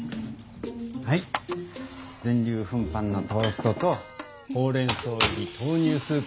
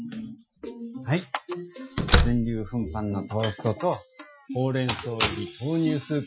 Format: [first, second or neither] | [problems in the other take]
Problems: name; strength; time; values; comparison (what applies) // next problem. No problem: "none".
first | noise reduction (classical method Wiener filter)